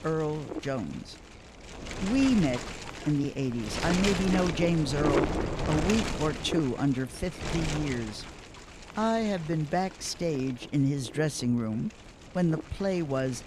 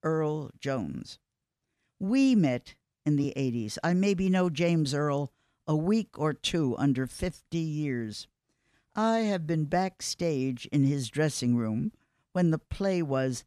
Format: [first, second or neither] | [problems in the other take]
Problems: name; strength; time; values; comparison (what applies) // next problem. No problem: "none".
second | wind noise on the microphone; heavy; 3 dB below the speech